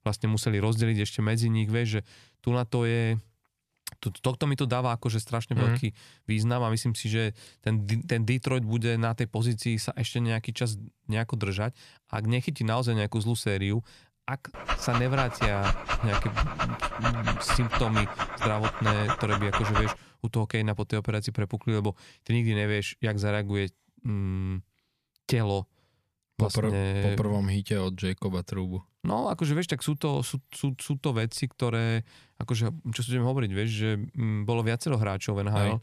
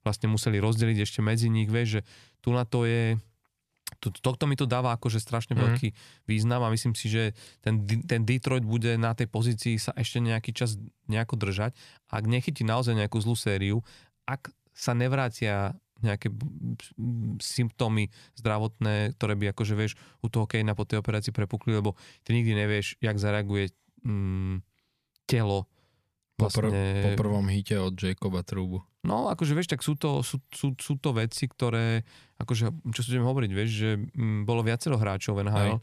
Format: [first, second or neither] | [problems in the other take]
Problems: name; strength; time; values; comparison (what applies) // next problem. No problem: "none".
second | dog barking; loud; from 15 to 20 s; peak 1 dB above the speech